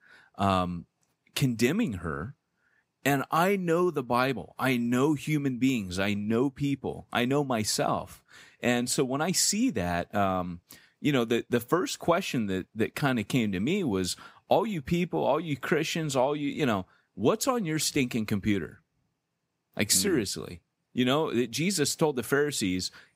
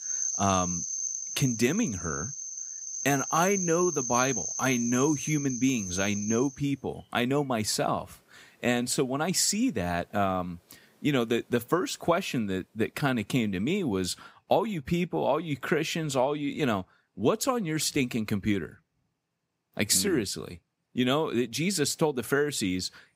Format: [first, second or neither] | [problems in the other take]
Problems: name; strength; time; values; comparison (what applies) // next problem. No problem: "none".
first | animal sounds; loud; until 14 s; 4 dB below the speech